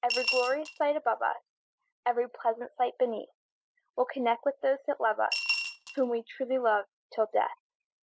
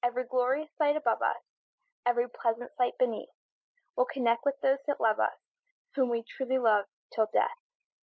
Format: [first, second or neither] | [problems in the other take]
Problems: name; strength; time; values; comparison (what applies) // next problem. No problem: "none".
second | background sound (Coin (dropping) / Glass); 3 dB below the speech